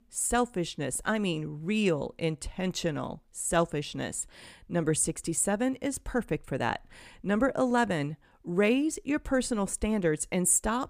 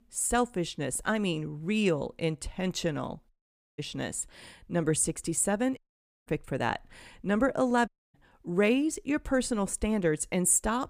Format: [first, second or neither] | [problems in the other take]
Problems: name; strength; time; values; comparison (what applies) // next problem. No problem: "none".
first | audio cutting out; at 3.5 s, at 6 s and at 8 s